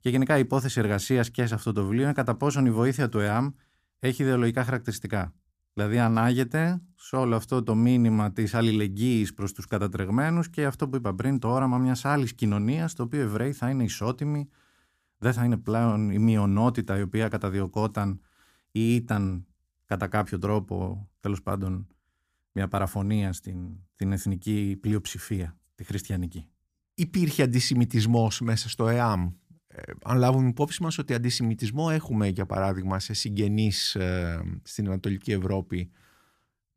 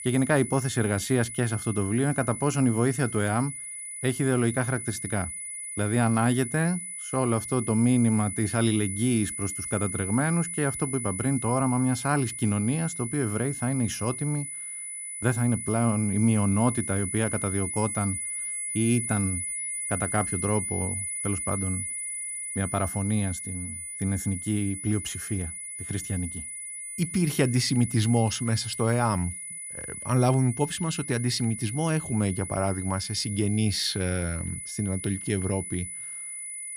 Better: first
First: none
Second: high-pitched whine; loud; throughout; 10 kHz, 6 dB below the speech

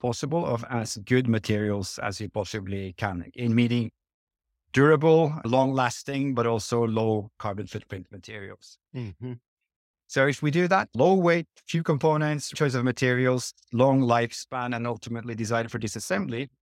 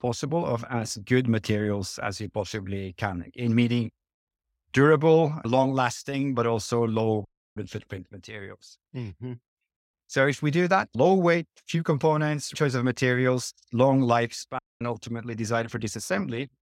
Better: first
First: none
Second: audio cutting out; at 7.5 s and at 15 s

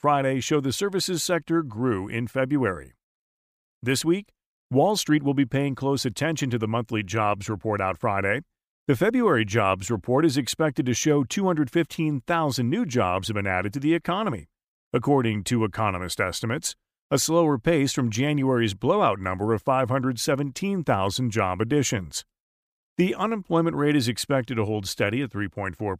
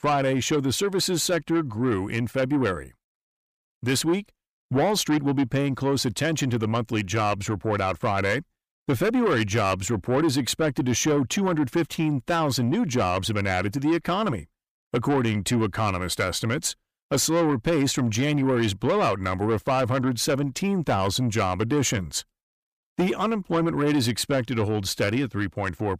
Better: first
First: none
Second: distortion; slight; 10 dB below the speech

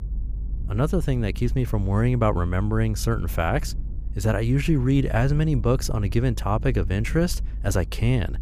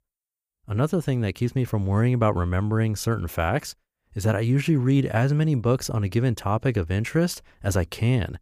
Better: second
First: low rumble; faint; throughout; 20 dB below the speech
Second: none

